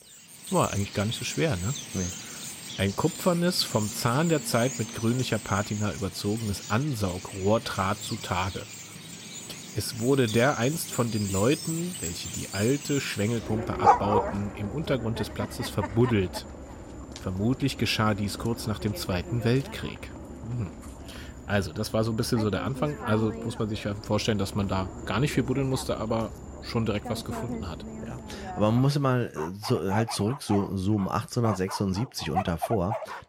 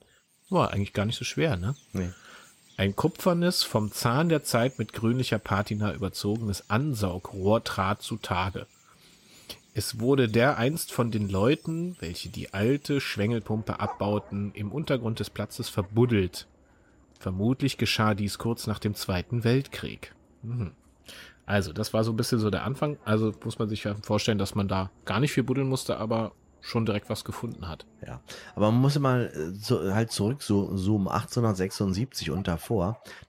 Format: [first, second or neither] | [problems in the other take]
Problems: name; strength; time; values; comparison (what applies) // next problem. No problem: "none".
second | animal sounds; loud; throughout; 8 dB below the speech; faint in the second